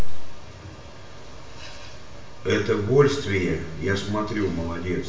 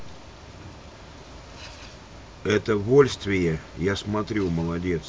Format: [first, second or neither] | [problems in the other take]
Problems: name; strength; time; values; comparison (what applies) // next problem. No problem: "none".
second | room echo; dies away in 0.6 s